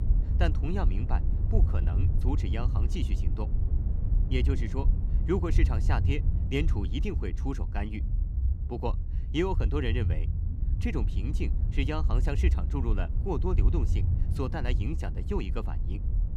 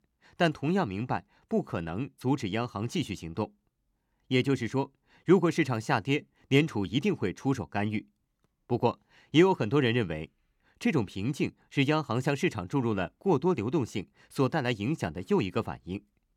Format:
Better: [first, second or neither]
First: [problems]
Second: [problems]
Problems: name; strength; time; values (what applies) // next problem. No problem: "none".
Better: second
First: low rumble; loud; throughout; 9 dB below the speech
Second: none